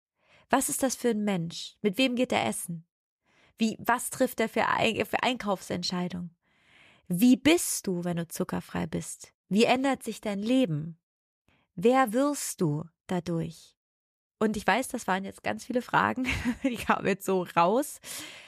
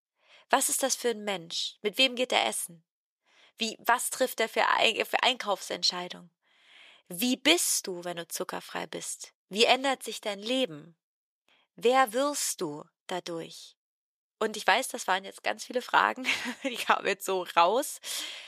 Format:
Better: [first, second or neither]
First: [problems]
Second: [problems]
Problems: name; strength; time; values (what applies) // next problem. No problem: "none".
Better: first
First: none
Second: thin; somewhat; fading below 450 Hz